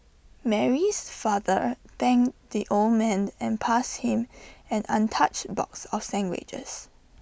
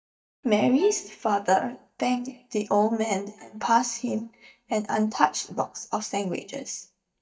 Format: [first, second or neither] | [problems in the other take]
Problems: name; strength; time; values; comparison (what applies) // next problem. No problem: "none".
first | noise reduction (neural mask model DeepFilterNet 3)